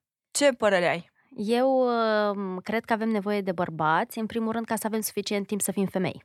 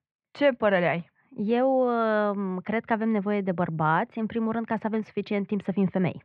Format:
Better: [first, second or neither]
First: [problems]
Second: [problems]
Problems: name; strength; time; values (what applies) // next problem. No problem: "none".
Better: first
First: none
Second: muffled; very; fading above 3 kHz